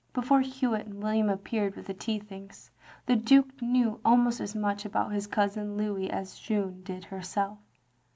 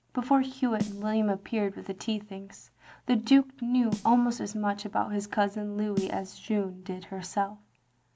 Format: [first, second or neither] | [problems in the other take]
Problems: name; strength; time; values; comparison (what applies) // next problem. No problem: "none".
first | background sound (Snare drum); 13 dB below the speech